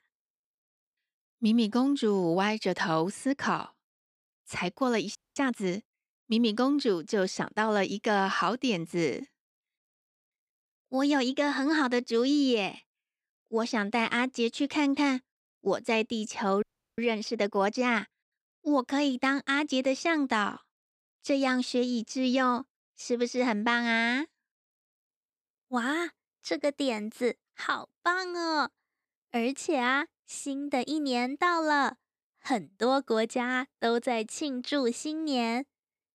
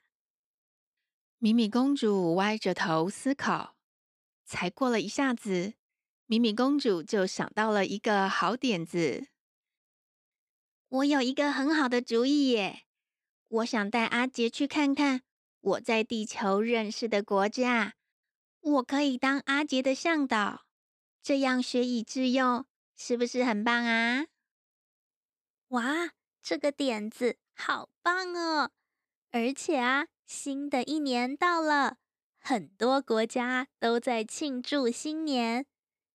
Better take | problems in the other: second | audio freezing; at 5 s and at 17 s

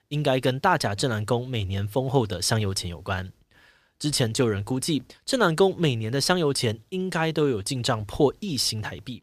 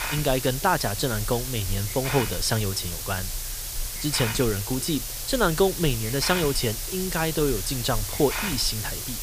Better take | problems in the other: first | hiss; loud; throughout; 4 dB below the speech

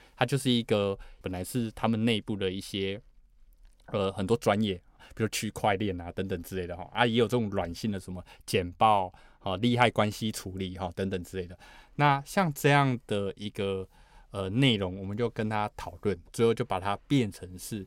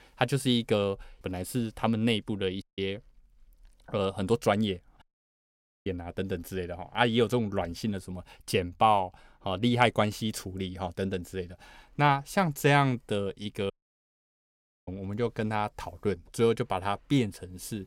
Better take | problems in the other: first | audio cutting out; at 2.5 s, at 5 s for 1 s and at 14 s for 1 s

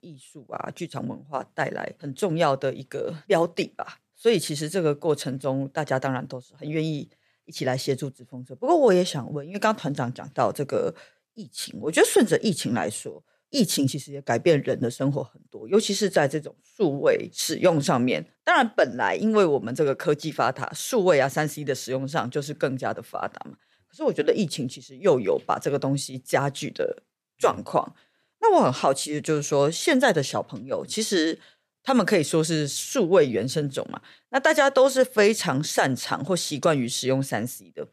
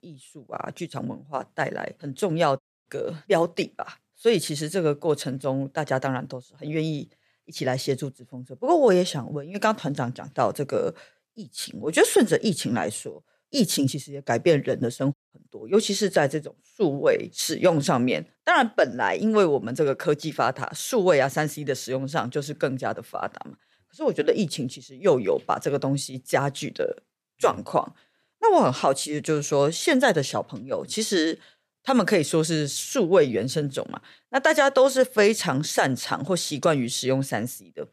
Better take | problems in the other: first | audio cutting out; at 2.5 s and at 15 s

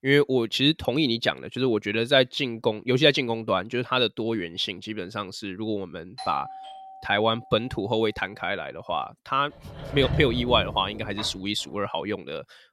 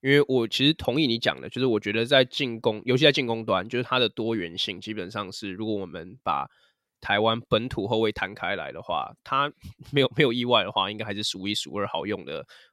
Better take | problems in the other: second | doorbell; faint; from 6 to 8 s; peak 10 dB below the speech // door banging; noticeable; from 10 to 11 s; peak 5 dB below the speech

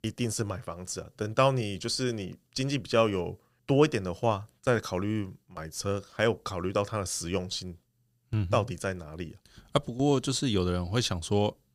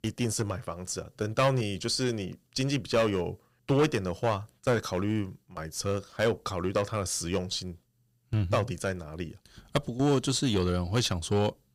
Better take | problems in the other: first | distortion; slight; 3% of the sound clipped

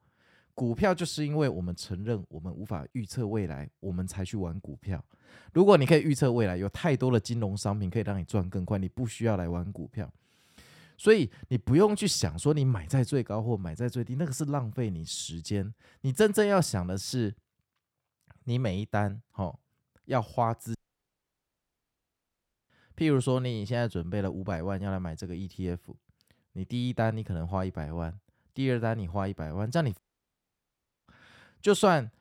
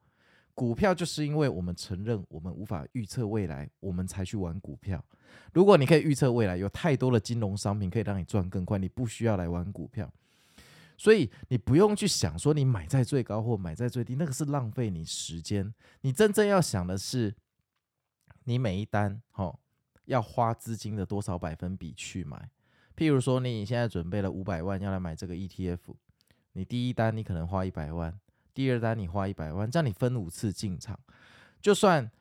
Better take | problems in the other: second | audio cutting out; at 21 s for 2 s and at 30 s for 1 s

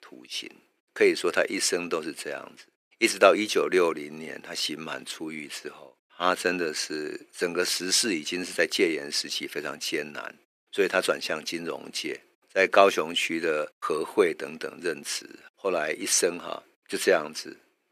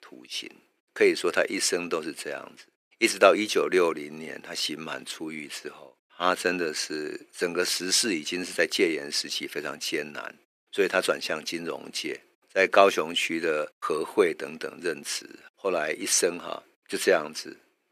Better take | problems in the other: neither | thin; very; fading below 300 Hz; the same in both

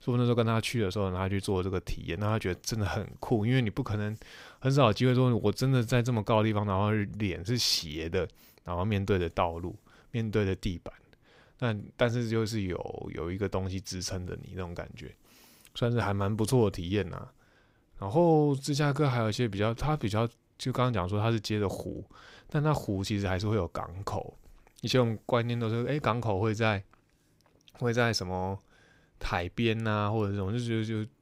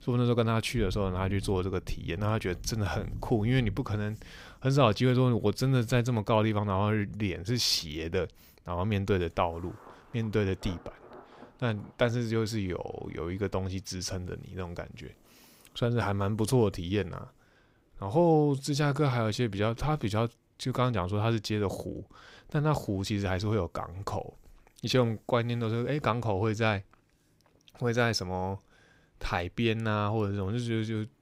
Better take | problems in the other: first | rain or running water; noticeable; throughout; 15 dB below the speech

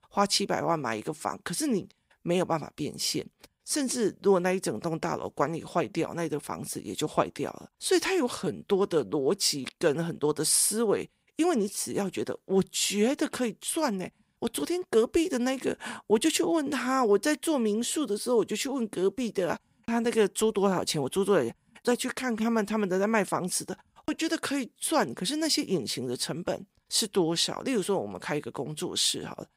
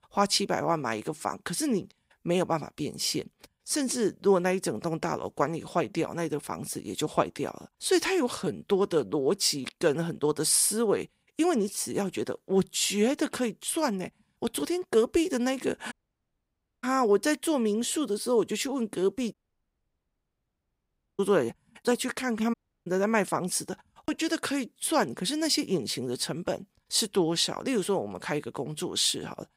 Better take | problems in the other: first | audio cutting out; at 16 s for 1 s, at 19 s for 2 s and at 23 s

